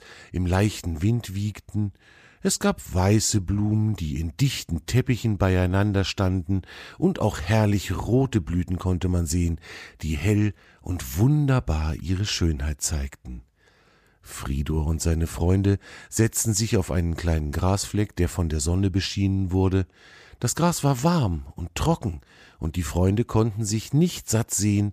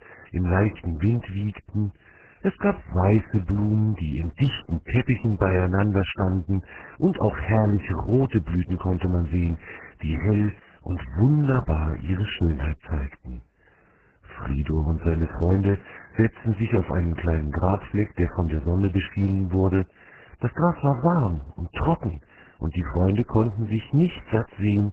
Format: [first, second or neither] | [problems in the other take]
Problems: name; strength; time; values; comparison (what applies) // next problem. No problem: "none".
first | garbled, watery; badly